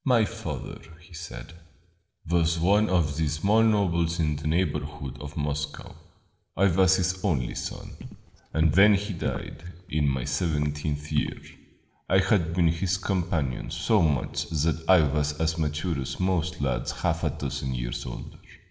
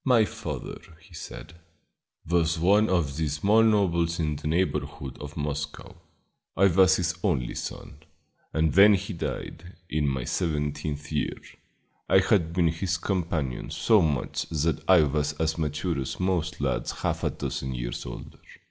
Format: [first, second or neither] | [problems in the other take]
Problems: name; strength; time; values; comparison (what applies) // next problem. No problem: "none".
second | background sound (Walk, footsteps); 12 dB below the speech // room echo; dies away in 1.1 s